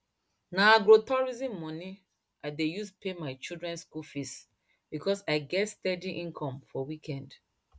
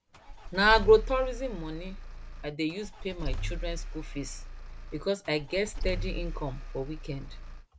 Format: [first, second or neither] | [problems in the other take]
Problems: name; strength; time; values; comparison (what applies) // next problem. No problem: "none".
first | background sound (Engine starting / Car); 5 dB below the speech